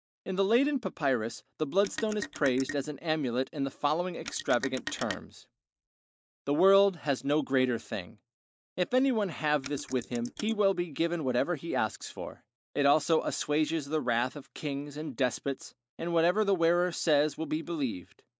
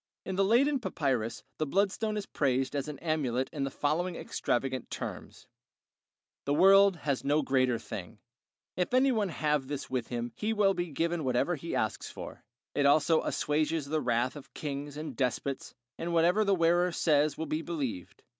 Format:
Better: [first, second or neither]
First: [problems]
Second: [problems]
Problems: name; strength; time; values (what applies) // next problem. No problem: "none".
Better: second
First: noise reduction (neural mask model Resemble Enhance denoiser)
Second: none